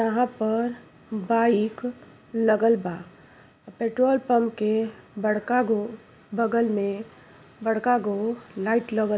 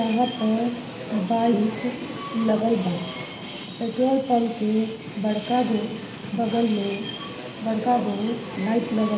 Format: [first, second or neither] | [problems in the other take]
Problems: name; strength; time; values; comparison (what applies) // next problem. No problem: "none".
first | background sound (Subway, metro, underground); 10 dB below the speech // room echo; dies away in 0.9 s